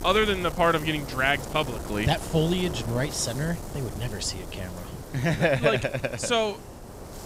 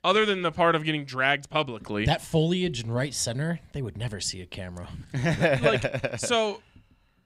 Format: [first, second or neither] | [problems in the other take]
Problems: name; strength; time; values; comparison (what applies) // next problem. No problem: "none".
second | wind noise on the microphone; occasional gusts; 15 dB below the speech